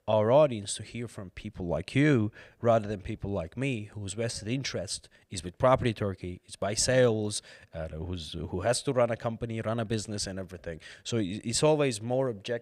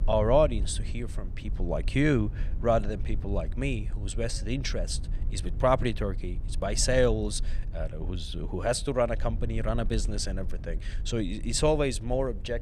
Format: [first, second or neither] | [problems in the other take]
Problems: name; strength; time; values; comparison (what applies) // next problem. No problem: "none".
first | low rumble; faint; throughout; 25 dB below the speech